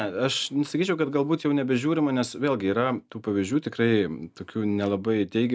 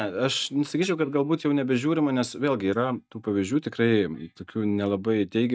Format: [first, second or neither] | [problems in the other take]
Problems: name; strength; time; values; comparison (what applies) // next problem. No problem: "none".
first | noise reduction (neural mask model DeepFilterNet 3)